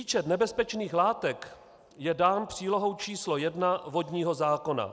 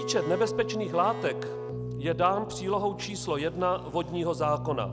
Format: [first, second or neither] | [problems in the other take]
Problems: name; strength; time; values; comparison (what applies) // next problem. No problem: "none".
first | background sound (Keyboard (musical) + Chink, clink); 7 dB below the speech